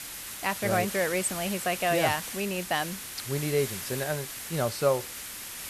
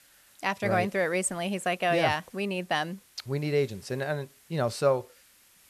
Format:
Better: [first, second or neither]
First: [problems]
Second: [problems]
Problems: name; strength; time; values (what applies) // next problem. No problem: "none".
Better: second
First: hiss; loud; throughout; 6 dB below the speech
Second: hiss; faint; throughout; 25 dB below the speech